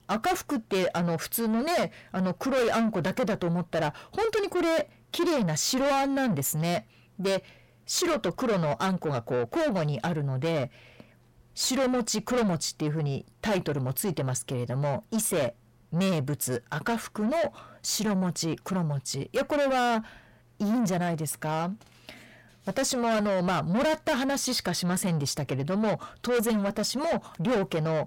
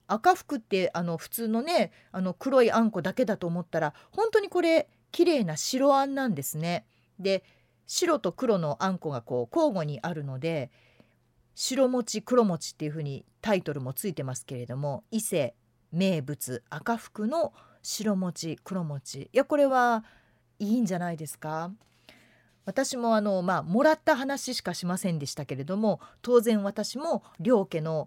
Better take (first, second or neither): second